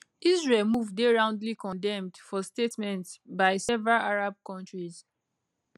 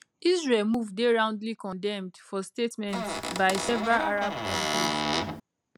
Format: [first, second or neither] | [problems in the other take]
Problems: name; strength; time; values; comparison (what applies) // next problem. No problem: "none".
first | background sound (Squeak / Cupboard open or close); 2 dB below the speech